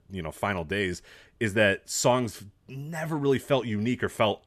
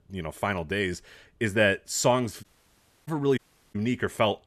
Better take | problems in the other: first | audio cutting out; at 2.5 s for 0.5 s and at 3.5 s

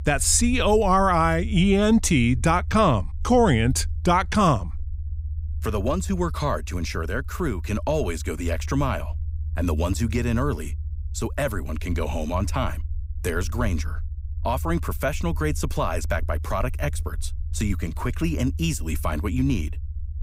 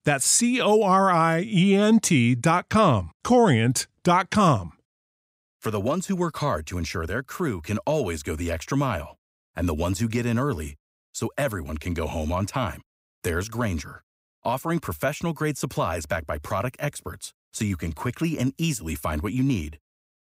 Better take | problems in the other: second | low rumble; faint; throughout; 25 dB below the speech

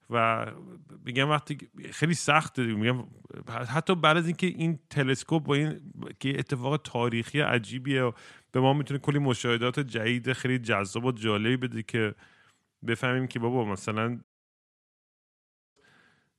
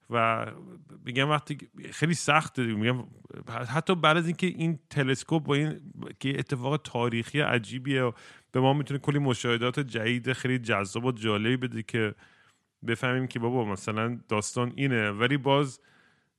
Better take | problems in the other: second | audio cutting out; at 14 s for 1.5 s

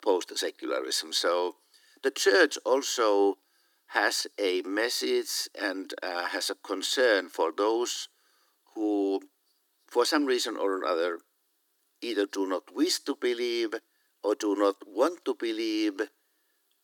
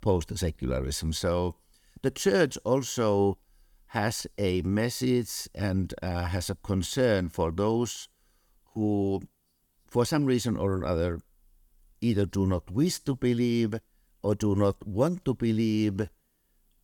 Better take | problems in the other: second | thin; somewhat; fading below 300 Hz

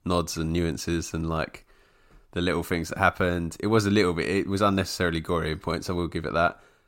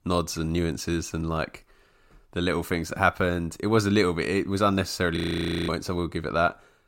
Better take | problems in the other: first | audio freezing; at 5 s for 0.5 s

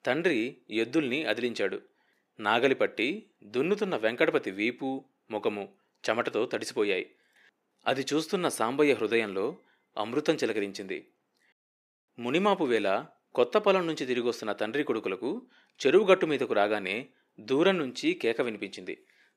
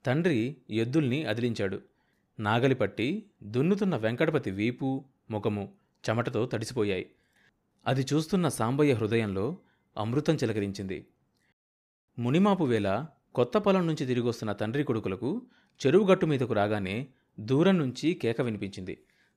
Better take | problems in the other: second | thin; somewhat; fading below 350 Hz

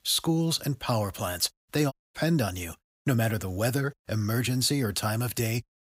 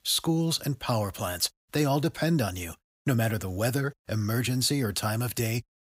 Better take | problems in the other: second | audio cutting out; at 2 s

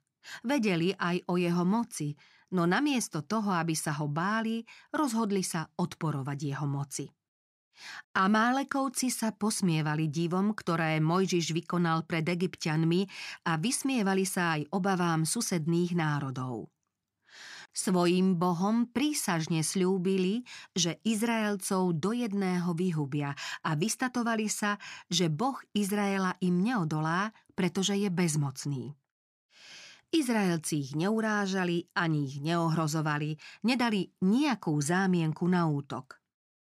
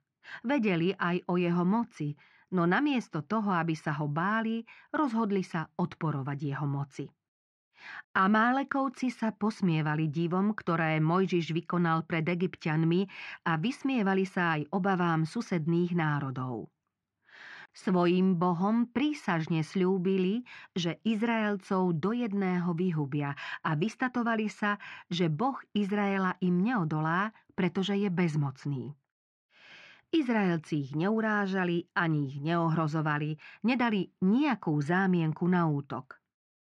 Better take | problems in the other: first | muffled; slightly; fading above 2.5 kHz

